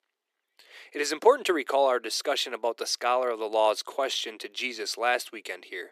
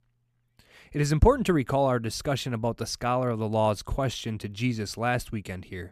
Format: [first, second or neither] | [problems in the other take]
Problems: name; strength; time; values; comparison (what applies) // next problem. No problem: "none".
second | thin; very; fading below 350 Hz